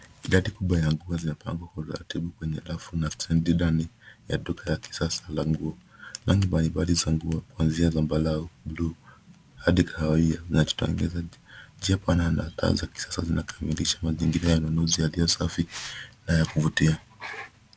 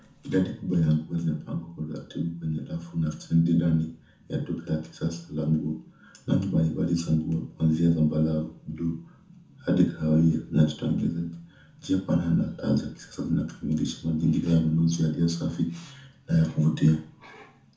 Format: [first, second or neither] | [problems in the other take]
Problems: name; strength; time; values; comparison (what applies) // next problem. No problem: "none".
first | room echo; dies away in 0.7 s